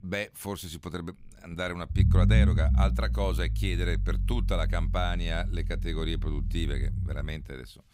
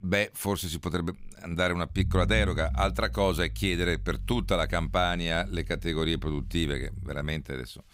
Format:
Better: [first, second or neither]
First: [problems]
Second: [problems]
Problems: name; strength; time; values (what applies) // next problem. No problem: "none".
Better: second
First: low rumble; loud; throughout; 9 dB below the speech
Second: low rumble; faint; throughout; 20 dB below the speech